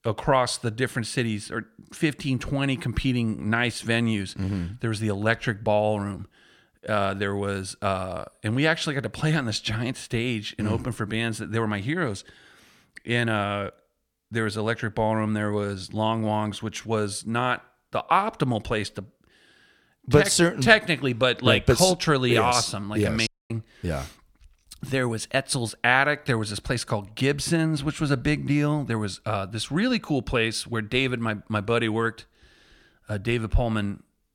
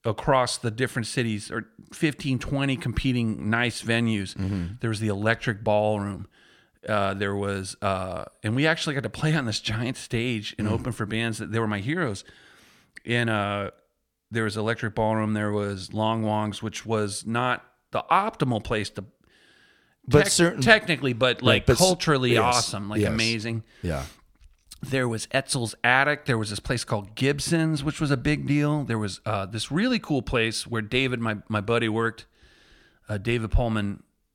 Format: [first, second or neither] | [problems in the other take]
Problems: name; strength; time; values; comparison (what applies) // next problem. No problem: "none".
second | audio cutting out; at 23 s